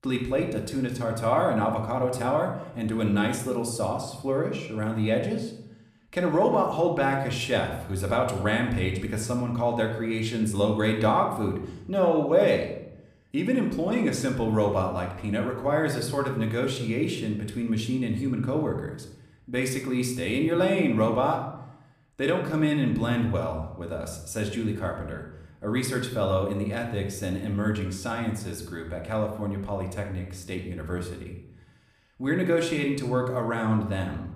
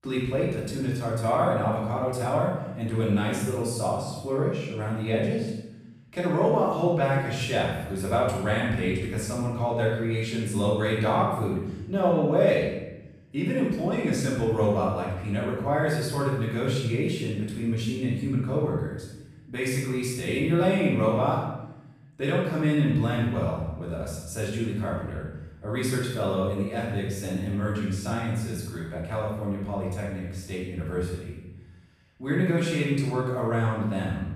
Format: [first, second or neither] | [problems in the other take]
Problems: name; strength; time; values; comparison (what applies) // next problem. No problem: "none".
first | room echo; strong; dies away in 0.9 s; slight in the first // off-mic speech; far; somewhat distant in the first